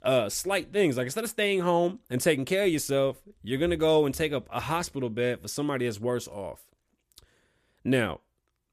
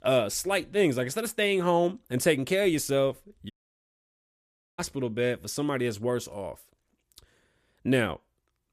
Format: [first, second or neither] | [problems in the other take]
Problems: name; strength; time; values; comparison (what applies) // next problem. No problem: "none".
first | audio cutting out; at 3.5 s for 1.5 s